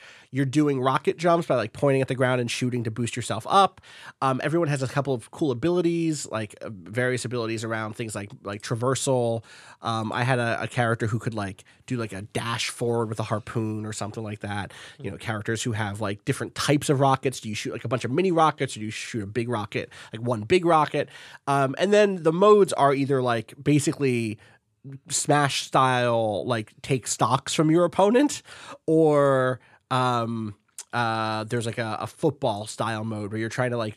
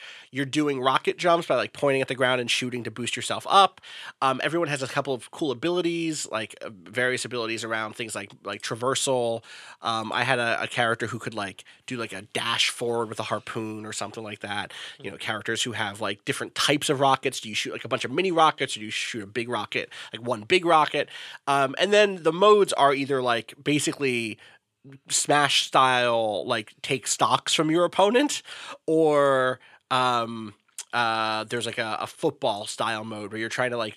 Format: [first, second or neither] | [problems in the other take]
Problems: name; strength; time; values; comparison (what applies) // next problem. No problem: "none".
first | thin; very slightly; fading below 800 Hz